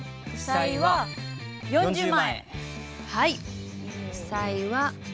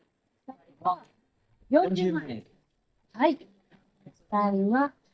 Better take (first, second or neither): first